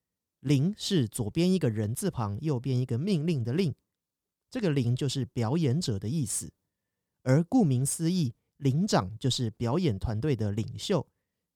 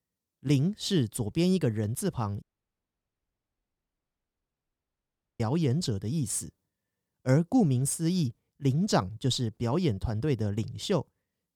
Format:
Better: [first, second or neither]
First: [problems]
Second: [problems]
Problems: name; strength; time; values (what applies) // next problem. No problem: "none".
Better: first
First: none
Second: audio cutting out; at 2.5 s for 3 s